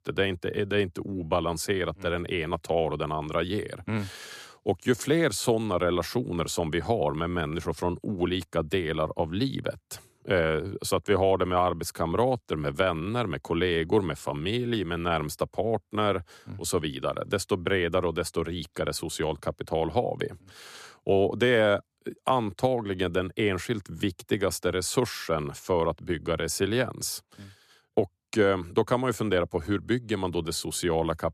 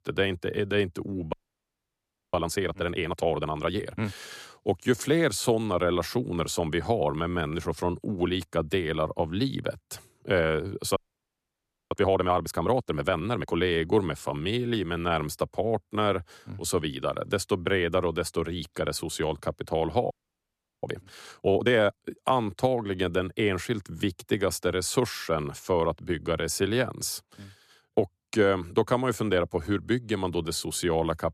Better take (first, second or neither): first